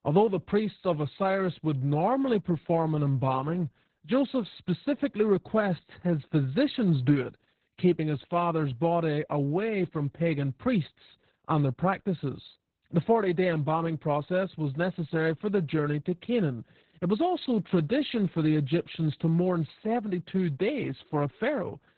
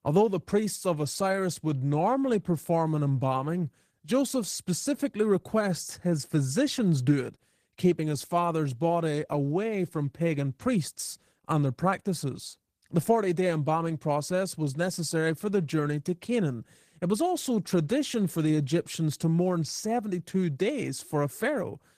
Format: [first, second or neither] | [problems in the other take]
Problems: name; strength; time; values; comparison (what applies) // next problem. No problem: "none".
second | garbled, watery; badly; nothing above 4 kHz; slightly in the second